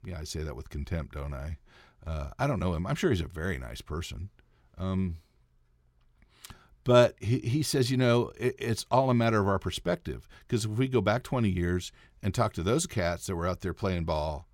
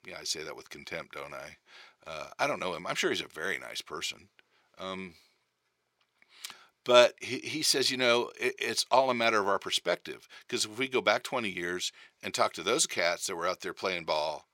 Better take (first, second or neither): first